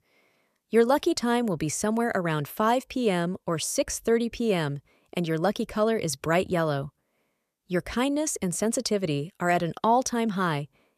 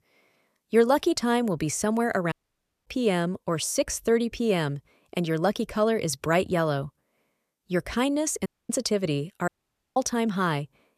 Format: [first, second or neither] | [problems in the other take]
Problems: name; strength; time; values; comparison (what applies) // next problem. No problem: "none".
first | audio cutting out; at 2.5 s for 0.5 s, at 8.5 s and at 9.5 s